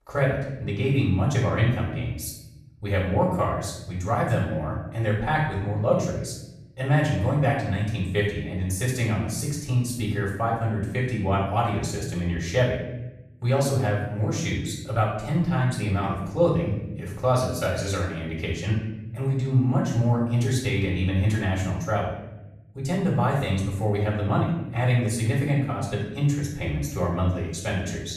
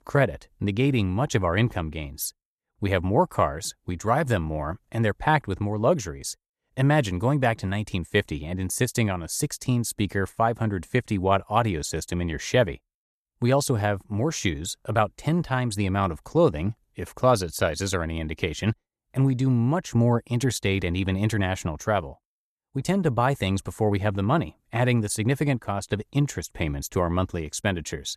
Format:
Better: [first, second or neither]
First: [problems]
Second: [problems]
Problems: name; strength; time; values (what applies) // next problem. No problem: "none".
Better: second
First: off-mic speech; far // room echo; noticeable; dies away in 0.9 s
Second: none